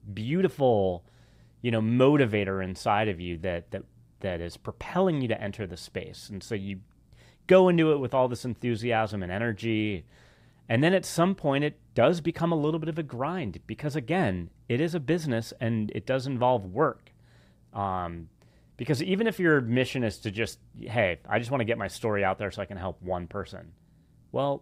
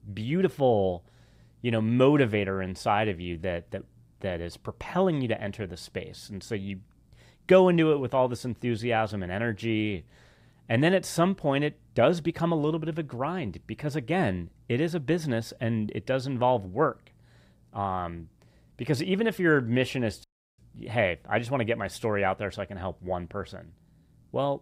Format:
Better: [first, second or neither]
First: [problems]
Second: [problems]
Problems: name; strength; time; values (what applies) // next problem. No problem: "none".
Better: first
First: none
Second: audio cutting out; at 20 s